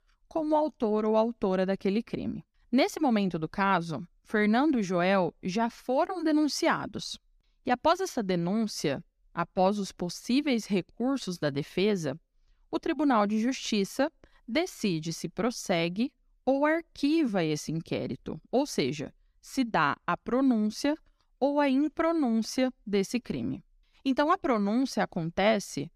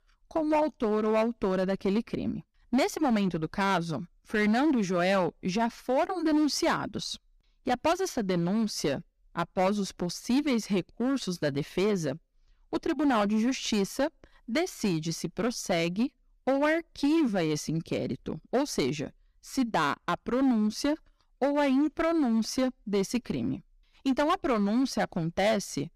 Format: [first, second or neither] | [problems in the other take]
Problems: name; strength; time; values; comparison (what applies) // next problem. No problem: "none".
first | distortion; slight; 8% of the sound clipped